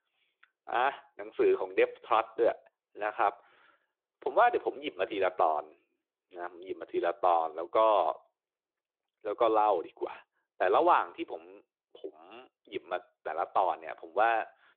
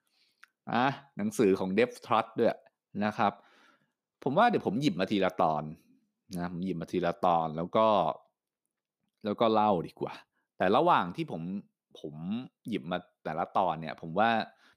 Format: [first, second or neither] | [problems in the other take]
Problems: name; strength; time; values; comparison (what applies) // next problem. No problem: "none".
second | phone-call audio; nothing above 3.5 kHz